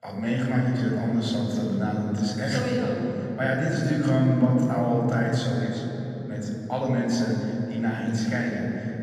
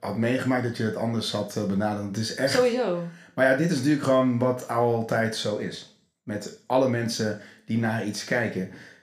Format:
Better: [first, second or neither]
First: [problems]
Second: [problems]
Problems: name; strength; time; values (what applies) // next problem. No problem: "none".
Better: second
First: room echo; strong; dies away in 3 s // off-mic speech; far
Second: room echo; slight; dies away in 0.4 s